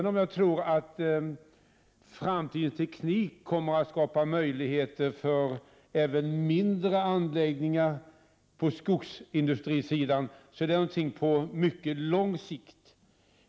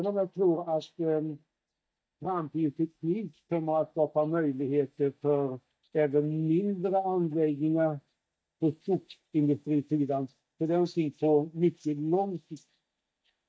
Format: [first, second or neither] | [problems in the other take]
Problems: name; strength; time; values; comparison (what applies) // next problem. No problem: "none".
first | noise reduction (neural mask model DeepFilterNet 3)